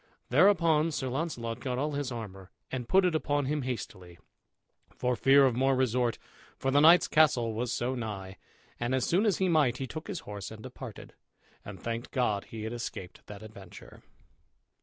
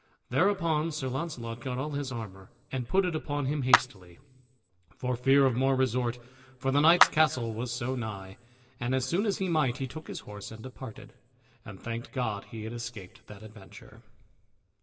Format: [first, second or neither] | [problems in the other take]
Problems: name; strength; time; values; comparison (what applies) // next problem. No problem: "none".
first | background sound (Clapping); 1 dB below the speech // room echo; dies away in 1.1 s